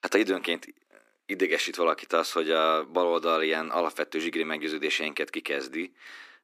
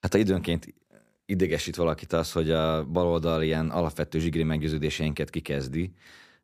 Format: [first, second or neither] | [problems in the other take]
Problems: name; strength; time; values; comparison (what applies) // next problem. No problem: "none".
second | thin; somewhat; fading below 300 Hz